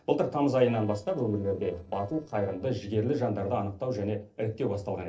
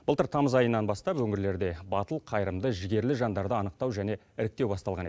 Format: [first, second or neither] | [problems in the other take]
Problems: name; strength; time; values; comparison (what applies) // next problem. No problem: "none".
second | noise reduction (neural separator model SepFormer DNS4)